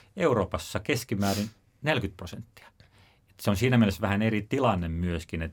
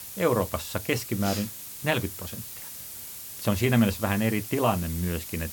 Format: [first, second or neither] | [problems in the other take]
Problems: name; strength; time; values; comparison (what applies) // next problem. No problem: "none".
first | hiss; loud; throughout; 10 dB below the speech